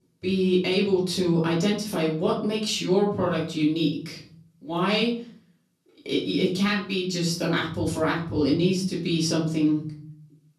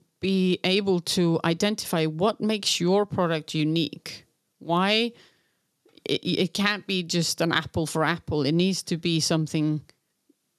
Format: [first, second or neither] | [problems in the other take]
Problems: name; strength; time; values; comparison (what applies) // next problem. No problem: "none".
second | off-mic speech; far // room echo; slight; dies away in 0.5 s